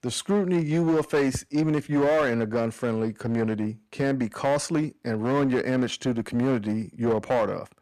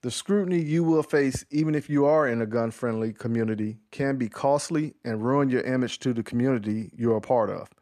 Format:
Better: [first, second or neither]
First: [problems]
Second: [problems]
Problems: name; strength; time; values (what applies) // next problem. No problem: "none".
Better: second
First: distortion; slight; 10% of the sound clipped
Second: none